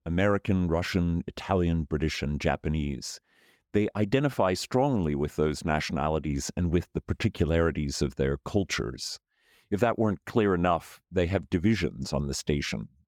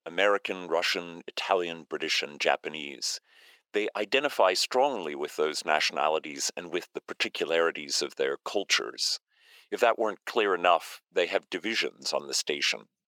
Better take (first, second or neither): first